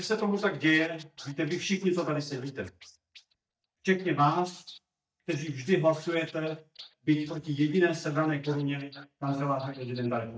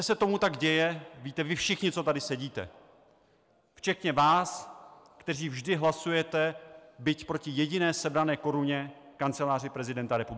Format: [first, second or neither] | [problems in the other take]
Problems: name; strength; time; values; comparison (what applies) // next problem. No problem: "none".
second | noise reduction (neural mask model DeepFilterNet 3)